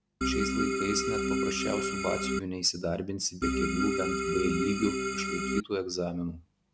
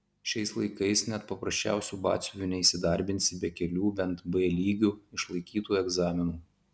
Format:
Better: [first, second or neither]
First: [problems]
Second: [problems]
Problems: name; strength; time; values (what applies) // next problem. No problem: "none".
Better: second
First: background sound (Organ); 4 dB above the speech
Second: none